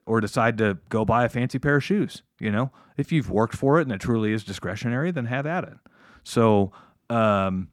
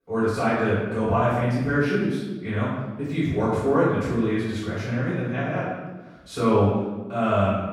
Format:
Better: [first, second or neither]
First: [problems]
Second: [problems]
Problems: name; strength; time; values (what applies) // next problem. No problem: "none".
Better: first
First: none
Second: off-mic speech; far // room echo; strong; dies away in 1 s